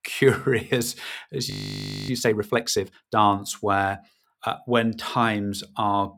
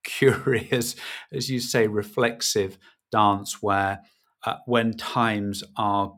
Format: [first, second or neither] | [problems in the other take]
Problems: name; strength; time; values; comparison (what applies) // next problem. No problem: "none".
second | audio freezing; at 1.5 s for 0.5 s